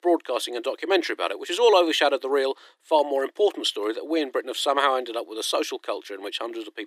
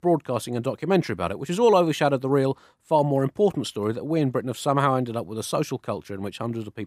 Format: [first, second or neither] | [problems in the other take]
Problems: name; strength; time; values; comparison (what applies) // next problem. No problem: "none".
second | thin; very; fading below 300 Hz